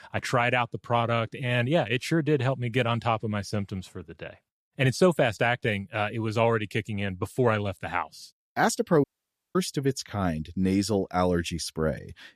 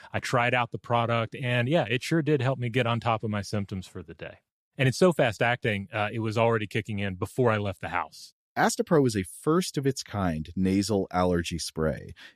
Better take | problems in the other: second | audio cutting out; at 9 s for 0.5 s

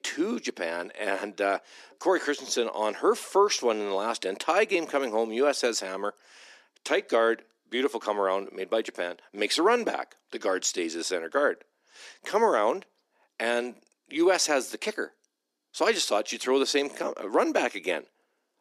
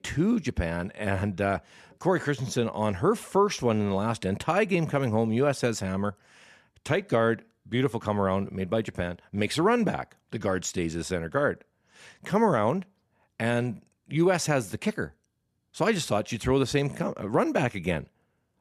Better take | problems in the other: second | thin; somewhat; fading below 300 Hz

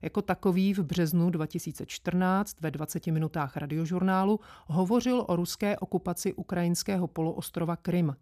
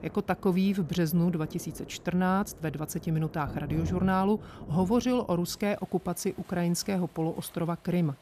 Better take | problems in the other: first | rain or running water; noticeable; throughout; 15 dB below the speech

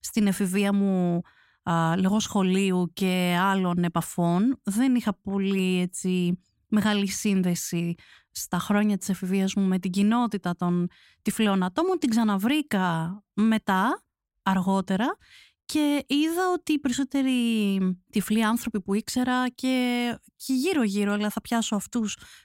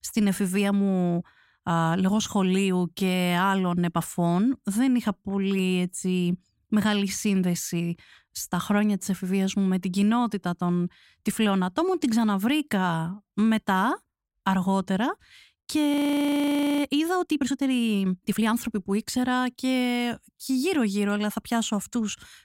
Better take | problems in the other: first | audio freezing; at 16 s for 1 s

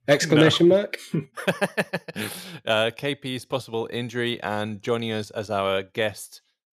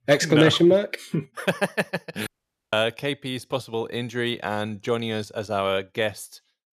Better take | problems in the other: first | audio cutting out; at 2.5 s

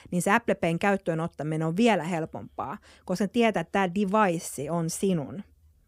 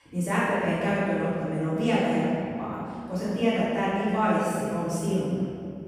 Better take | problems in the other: first | room echo; strong; dies away in 2.3 s // off-mic speech; far

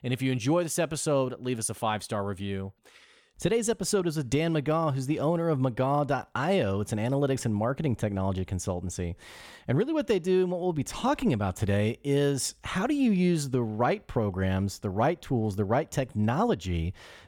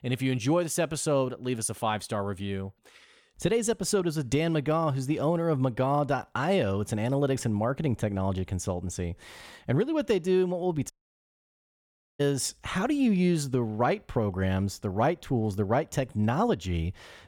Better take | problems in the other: first | audio cutting out; at 11 s for 1.5 s

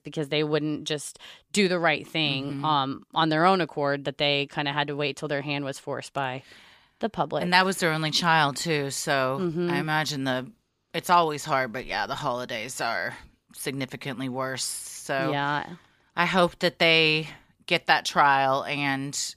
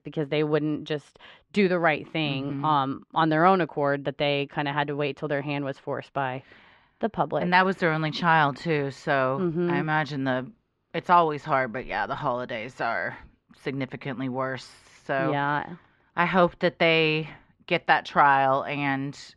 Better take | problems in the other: first | muffled; slightly; fading above 2 kHz

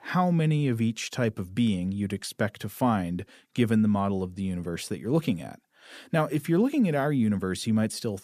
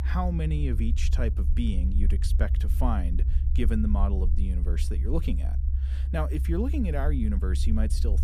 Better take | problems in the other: first | low rumble; loud; throughout; 10 dB below the speech

